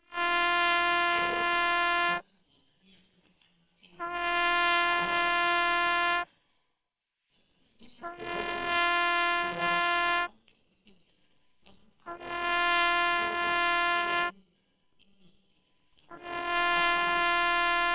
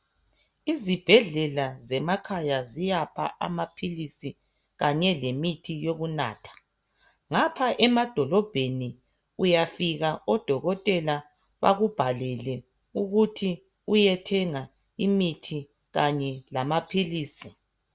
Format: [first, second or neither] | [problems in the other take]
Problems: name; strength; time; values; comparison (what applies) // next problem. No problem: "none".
second | noise reduction (neural separator model SepFormer WHAMR!)